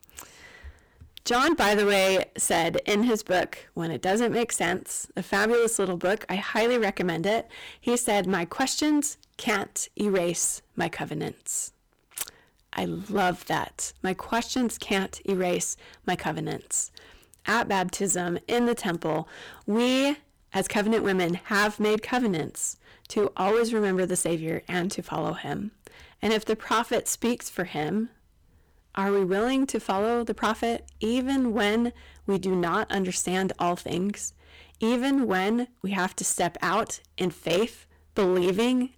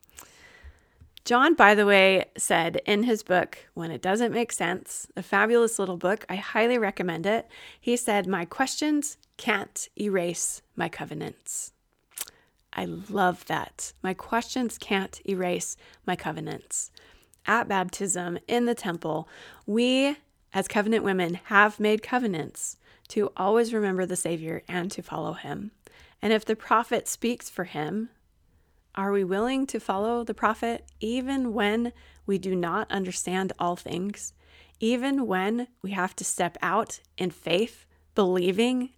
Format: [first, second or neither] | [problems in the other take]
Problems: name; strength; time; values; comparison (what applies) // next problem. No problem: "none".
second | distortion; heavy; 9% of the sound clipped